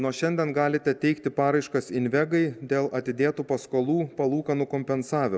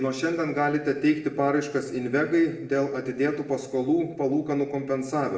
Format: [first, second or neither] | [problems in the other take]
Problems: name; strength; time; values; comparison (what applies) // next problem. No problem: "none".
first | room echo; dies away in 0.7 s